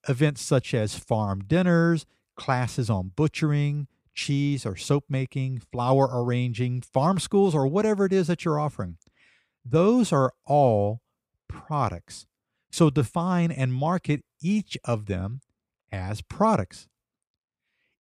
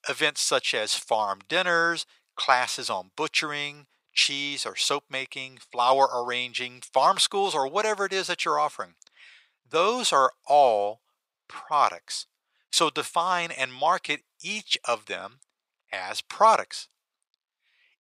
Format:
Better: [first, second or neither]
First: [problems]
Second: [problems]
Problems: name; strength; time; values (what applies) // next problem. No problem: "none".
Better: first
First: none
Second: thin; very; fading below 900 Hz